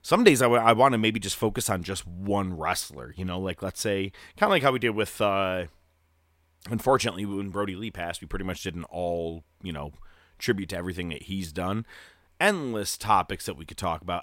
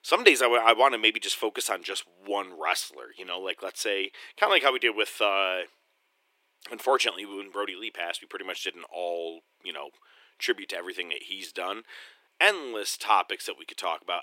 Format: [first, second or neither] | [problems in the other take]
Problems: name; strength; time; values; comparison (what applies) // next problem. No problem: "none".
first | thin; very; fading below 350 Hz